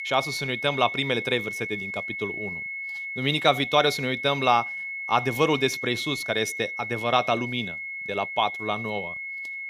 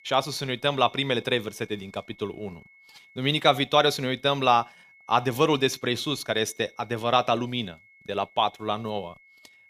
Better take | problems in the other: second | high-pitched whine; loud; throughout; 2 kHz, 6 dB below the speech; faint in the second

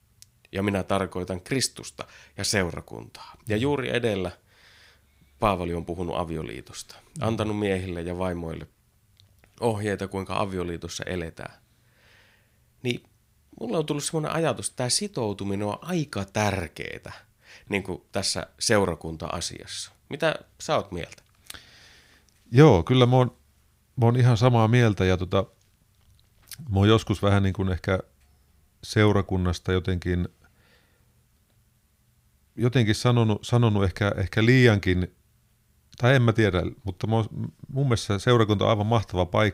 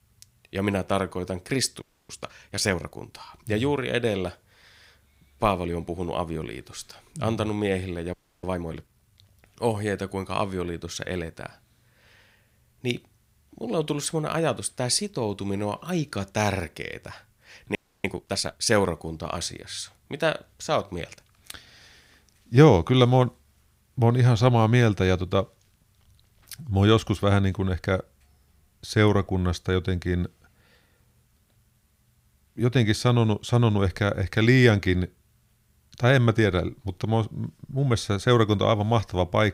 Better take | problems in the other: first | audio freezing; at 2 s, at 8 s and at 18 s

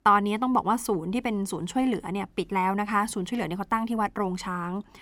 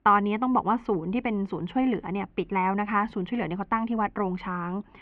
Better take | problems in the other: first | muffled; very; fading above 2.5 kHz

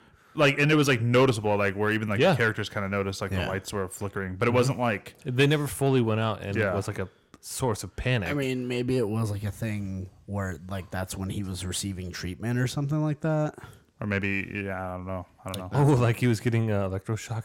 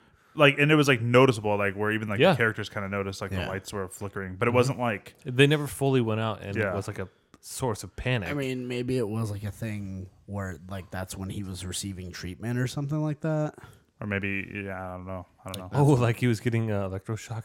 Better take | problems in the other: second | distortion; slight; 10 dB below the speech

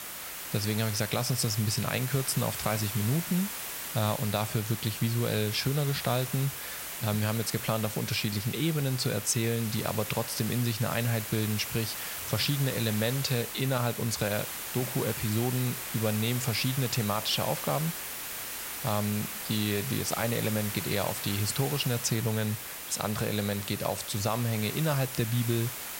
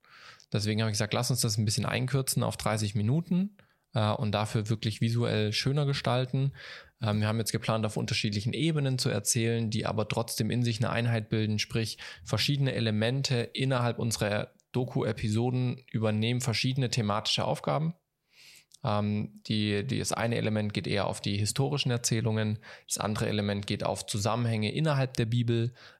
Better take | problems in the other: second | hiss; loud; throughout; 5 dB below the speech

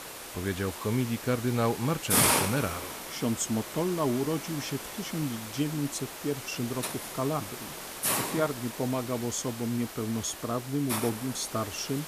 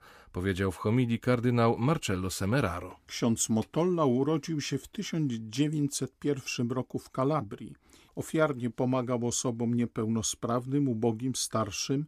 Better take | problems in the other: second | hiss; loud; throughout; 2 dB below the speech

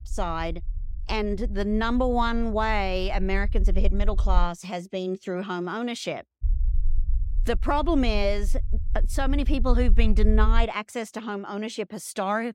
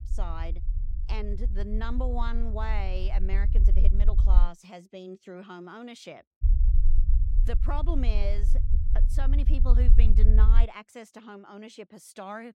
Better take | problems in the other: first | low rumble; loud; until 4.5 s and from 6.5 to 11 s; 9 dB below the speech; faint in the first

